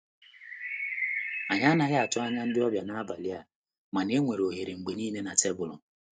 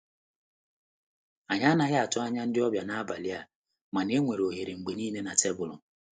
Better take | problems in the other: second | noise reduction (neural mask model RNNoise)

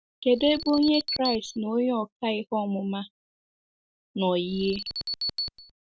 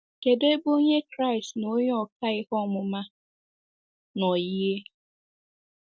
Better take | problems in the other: second | background sound (Alarm); 7 dB below the speech

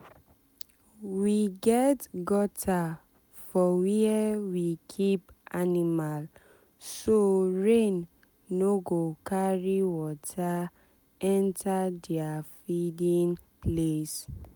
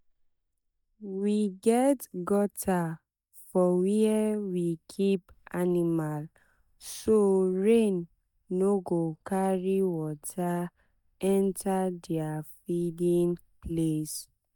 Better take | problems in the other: first | noise reduction (neural mask model DeepFilterNet 3)

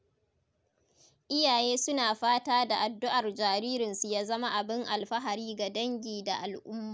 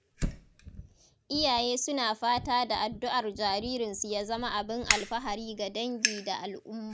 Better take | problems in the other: first | background sound (Fire); 7 dB below the speech

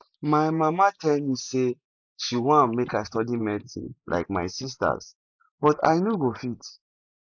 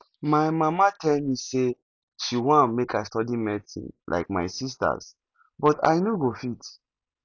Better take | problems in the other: second | noise reduction (neural mask model Resemble Enhance denoiser)

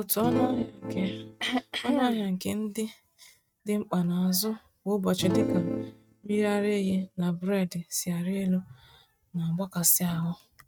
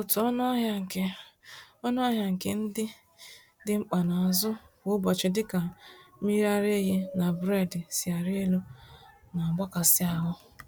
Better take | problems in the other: second | noise reduction (neural mask model RNNoise)

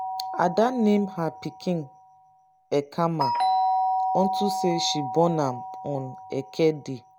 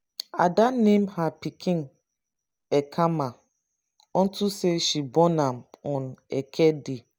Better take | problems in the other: second | background sound (Doorbell); 3 dB below the speech

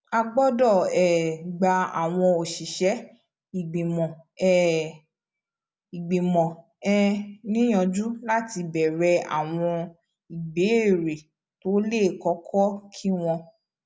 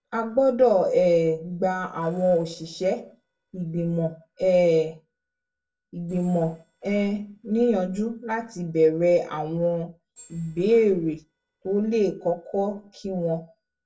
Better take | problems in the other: first | noise reduction (neural separator model SepFormer DNS4)

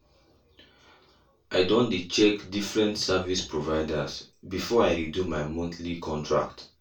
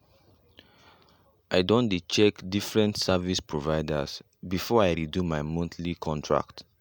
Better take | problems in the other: second | room echo; dies away in 0.2 s

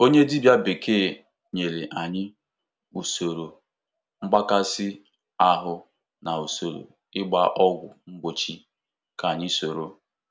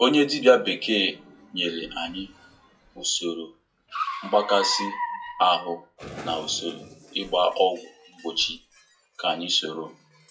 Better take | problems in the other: first | noise reduction (classical method WPE with log-MMSE)

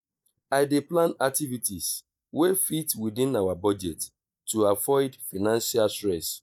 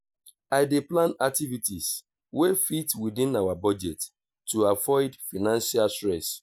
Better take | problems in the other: second | noise reduction (neural mask model DeepFilterNet 3)

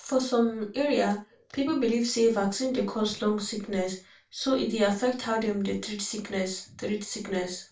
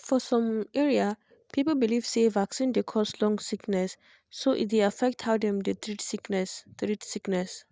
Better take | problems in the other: second | room echo; dies away in 0.3 s

